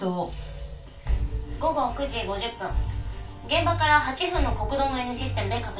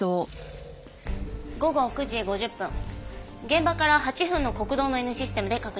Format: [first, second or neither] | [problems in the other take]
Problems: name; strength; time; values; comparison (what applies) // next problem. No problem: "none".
second | room echo; dies away in 0.3 s